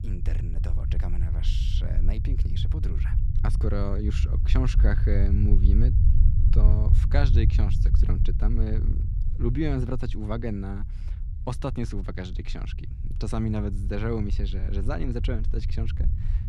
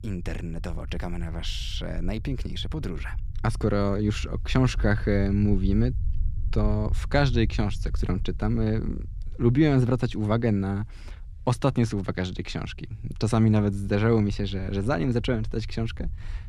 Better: second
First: low rumble; loud; throughout; 8 dB below the speech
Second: low rumble; faint; throughout; 25 dB below the speech

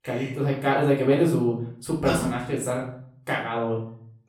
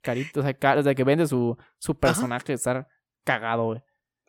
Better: second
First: off-mic speech; far // room echo; noticeable; dies away in 0.5 s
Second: none

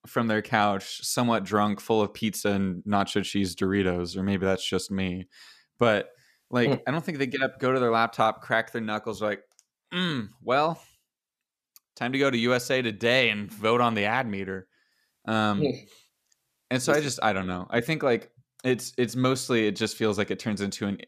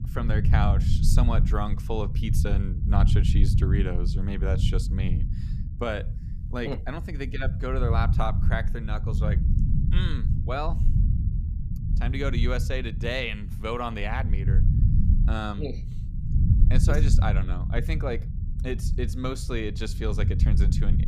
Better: first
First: none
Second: low rumble; loud; throughout; 8 dB below the speech

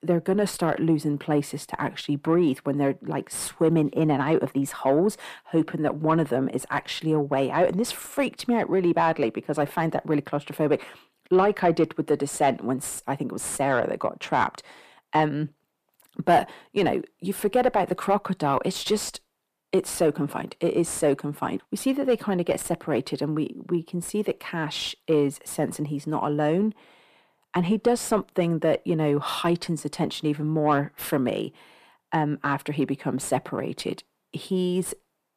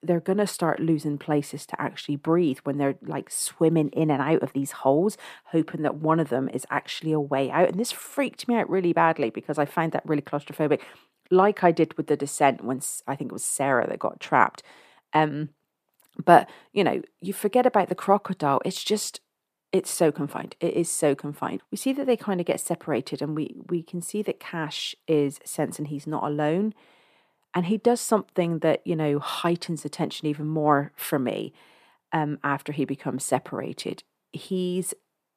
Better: second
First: distortion; slight; 10 dB below the speech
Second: none

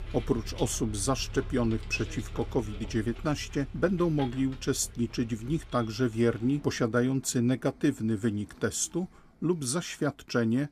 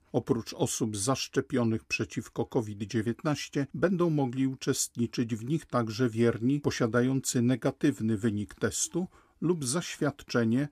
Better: second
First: traffic noise; noticeable; throughout; 15 dB below the speech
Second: none

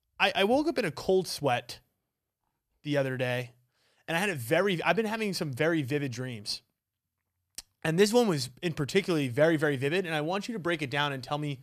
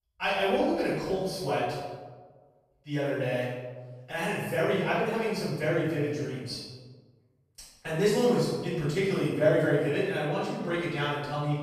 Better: first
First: none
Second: room echo; strong; dies away in 1.1 s // off-mic speech; far

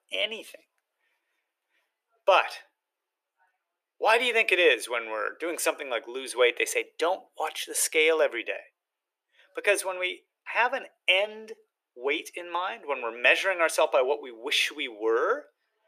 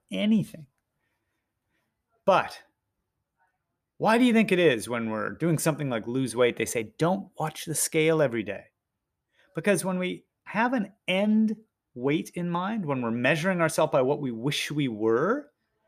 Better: second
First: thin; very; fading below 400 Hz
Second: none

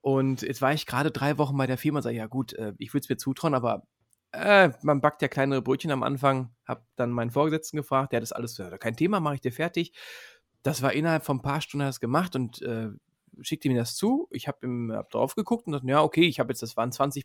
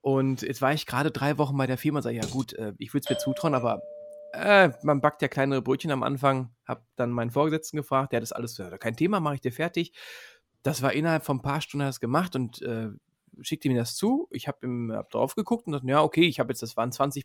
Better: first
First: none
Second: clattering dishes; noticeable; at 2 s; peak 10 dB below the speech // doorbell; noticeable; from 3 to 4.5 s; peak 6 dB below the speech

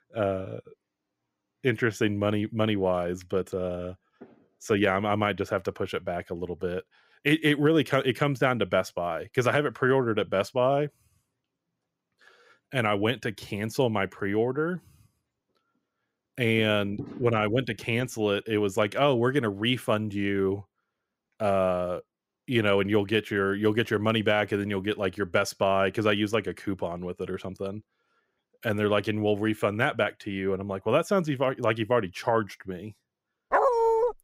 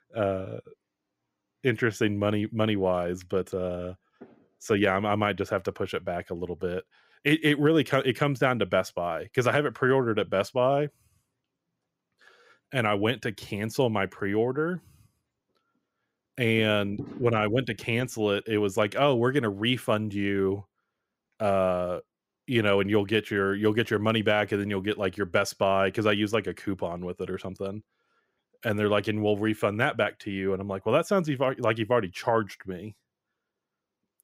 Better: second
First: dog barking; loud; at 34 s; peak 5 dB above the speech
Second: none

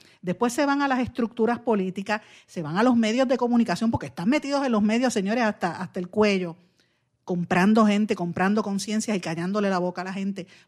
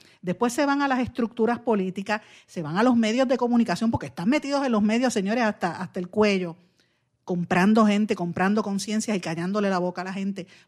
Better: neither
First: none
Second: none

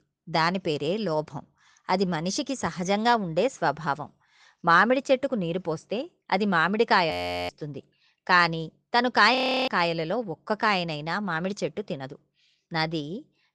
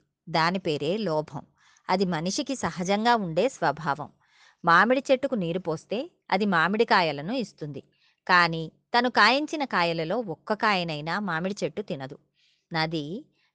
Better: second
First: audio freezing; at 7 s and at 9.5 s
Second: none

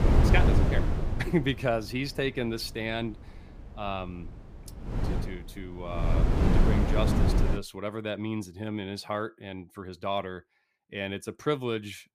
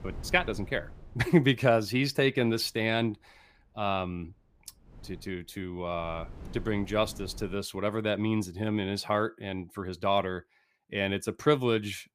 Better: second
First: wind noise on the microphone; heavy; until 7.5 s; 1 dB below the speech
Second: wind noise on the microphone; occasional gusts; until 7.5 s; 25 dB below the speech

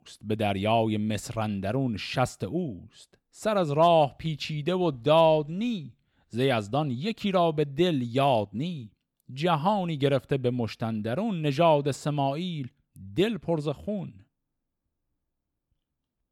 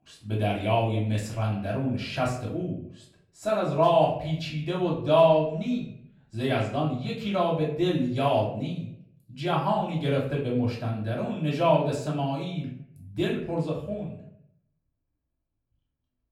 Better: first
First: none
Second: off-mic speech; far // room echo; slight; dies away in 0.6 s

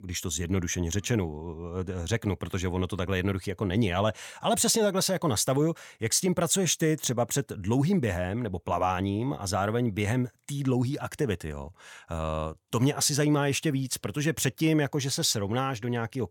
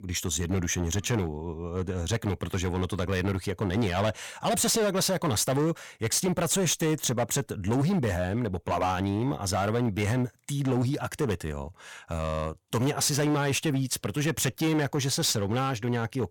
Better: first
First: none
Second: distortion; slight; 13% of the sound clipped

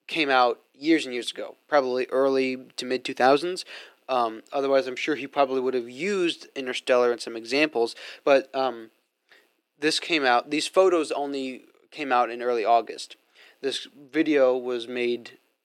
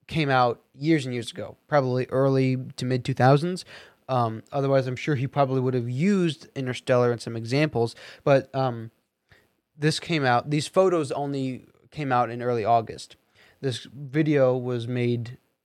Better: second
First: thin; somewhat; fading below 300 Hz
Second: none

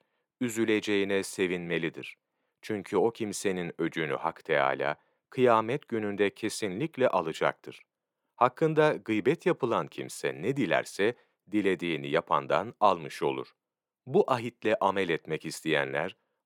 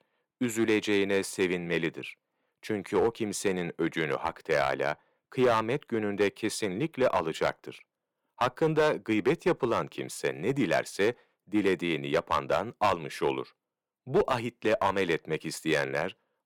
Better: first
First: none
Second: distortion; slight; 3% of the sound clipped

